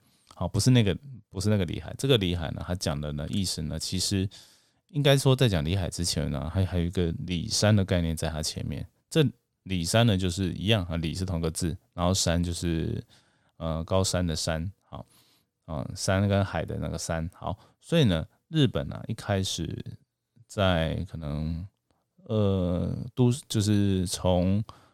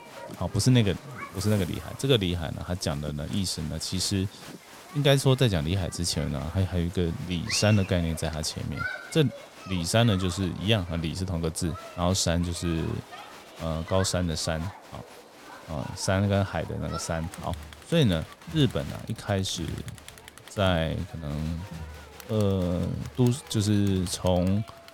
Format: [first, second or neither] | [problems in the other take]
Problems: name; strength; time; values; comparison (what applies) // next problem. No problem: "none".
first | crowd noise; noticeable; throughout; 15 dB below the speech